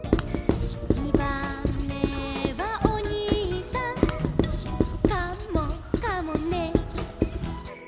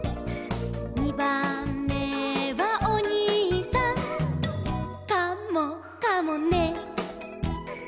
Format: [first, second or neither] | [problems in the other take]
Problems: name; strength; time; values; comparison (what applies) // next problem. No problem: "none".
second | background sound (Writing); 4 dB above the speech